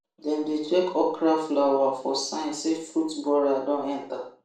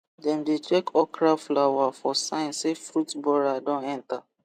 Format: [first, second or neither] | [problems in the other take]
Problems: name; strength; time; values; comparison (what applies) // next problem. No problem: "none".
second | room echo; dies away in 0.4 s